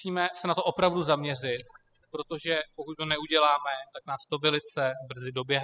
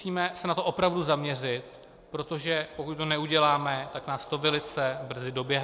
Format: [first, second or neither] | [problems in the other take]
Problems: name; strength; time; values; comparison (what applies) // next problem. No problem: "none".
second | noise reduction (classical method spectral subtraction)